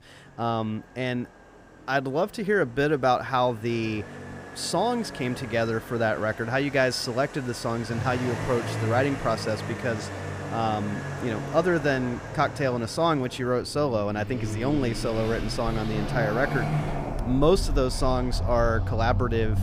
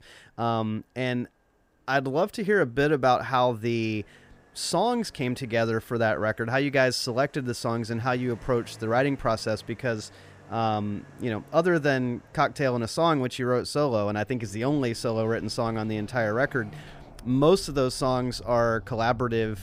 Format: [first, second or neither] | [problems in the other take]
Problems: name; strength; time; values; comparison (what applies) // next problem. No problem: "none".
second | traffic noise; loud; throughout; 7 dB below the speech; faint in the second